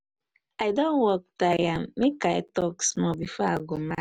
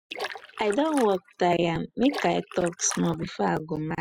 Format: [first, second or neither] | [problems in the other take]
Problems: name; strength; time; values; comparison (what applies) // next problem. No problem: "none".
first | noise reduction (classical method spectral subtraction)